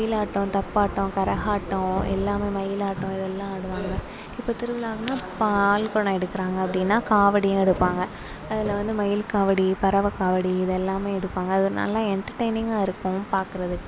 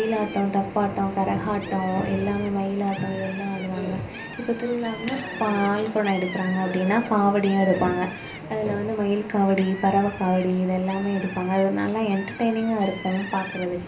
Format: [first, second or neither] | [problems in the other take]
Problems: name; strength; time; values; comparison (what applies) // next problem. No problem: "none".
first | background sound (Bird); 17 dB below the speech // room echo; dies away in 0.3 s